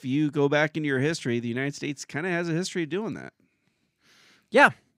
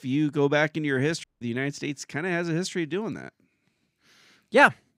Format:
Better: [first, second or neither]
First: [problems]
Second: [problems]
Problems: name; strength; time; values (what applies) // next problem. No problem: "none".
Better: first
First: none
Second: audio cutting out; at 1 s